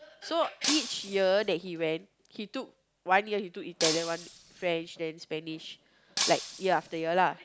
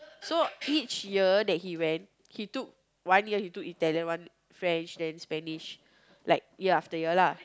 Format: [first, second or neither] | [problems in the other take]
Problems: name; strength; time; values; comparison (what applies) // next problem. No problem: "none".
second | background sound (Shatter); 4 dB below the speech